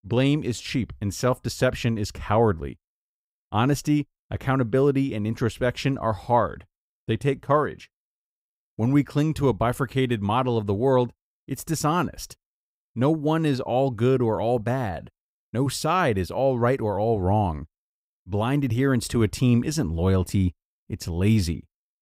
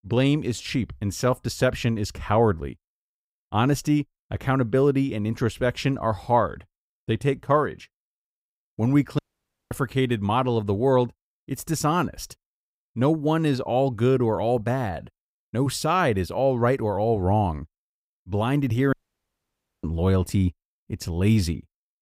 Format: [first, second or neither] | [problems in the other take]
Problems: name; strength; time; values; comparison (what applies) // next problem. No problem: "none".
first | audio cutting out; at 9 s for 0.5 s and at 19 s for 1 s